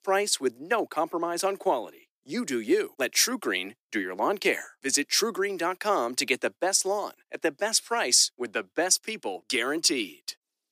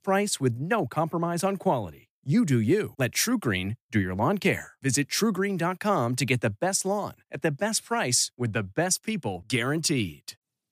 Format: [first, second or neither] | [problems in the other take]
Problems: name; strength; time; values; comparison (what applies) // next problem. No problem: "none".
second | thin; somewhat; fading below 300 Hz